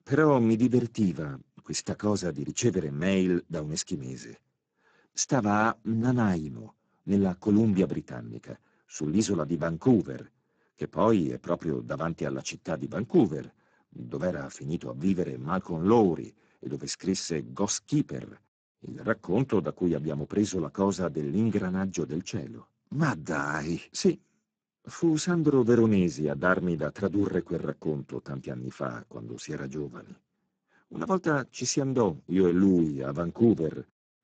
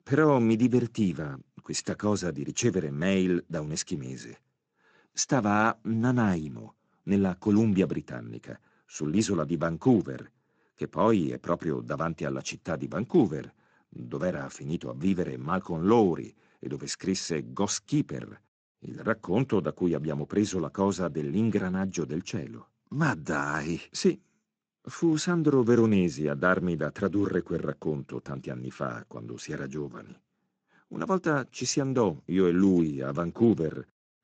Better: second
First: garbled, watery; badly; nothing above 7.5 kHz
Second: garbled, watery; slightly; nothing above 7.5 kHz

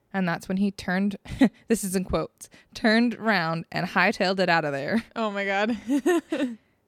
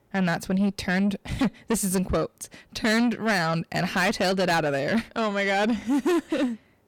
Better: first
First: none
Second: distortion; heavy; 7 dB below the speech

